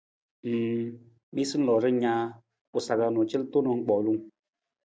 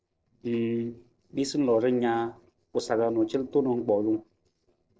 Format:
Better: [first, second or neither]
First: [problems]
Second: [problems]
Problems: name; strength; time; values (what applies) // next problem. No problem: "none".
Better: first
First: none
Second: noise reduction (neural separator model SepFormer DNS4)